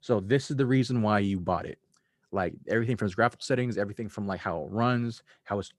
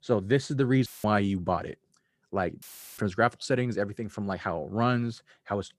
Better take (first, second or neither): first